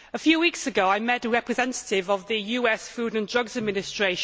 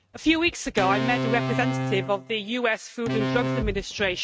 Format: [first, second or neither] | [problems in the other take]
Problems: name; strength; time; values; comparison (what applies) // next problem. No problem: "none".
first | noise reduction (neural mask model RNNoise)